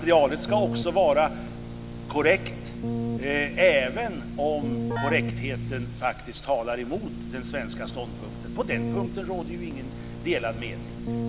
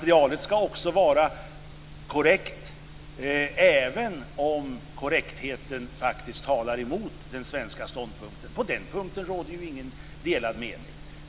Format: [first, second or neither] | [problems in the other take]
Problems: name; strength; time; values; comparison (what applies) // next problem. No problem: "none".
second | background sound (Keyboard (musical)); 6 dB below the speech